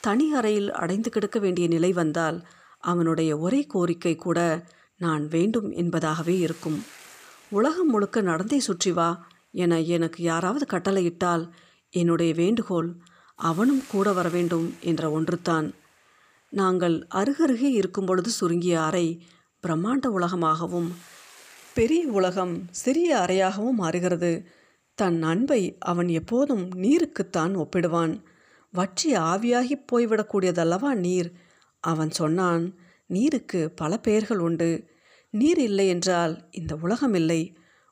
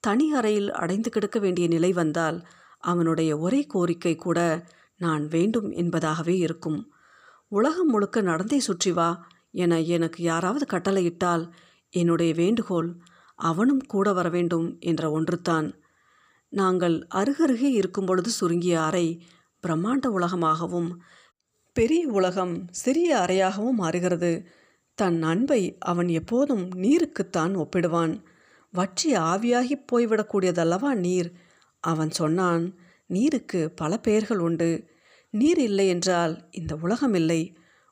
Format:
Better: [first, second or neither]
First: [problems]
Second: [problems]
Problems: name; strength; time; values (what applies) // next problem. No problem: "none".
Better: second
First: hiss; faint; until 27 s; 25 dB below the speech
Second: none